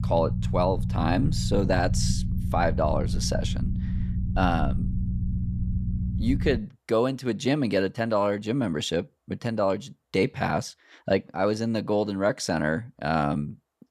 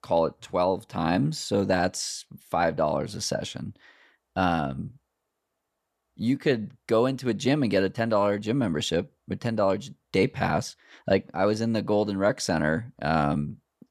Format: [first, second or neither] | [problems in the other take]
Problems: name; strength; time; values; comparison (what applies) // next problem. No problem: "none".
second | low rumble; noticeable; until 6.5 s; 15 dB below the speech